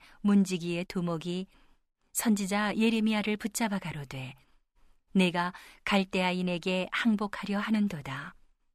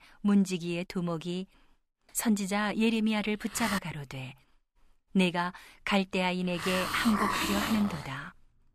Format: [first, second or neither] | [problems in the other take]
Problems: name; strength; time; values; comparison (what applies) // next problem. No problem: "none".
first | hiss; loud; from 2 to 4 s and from 5 s on; 3 dB below the speech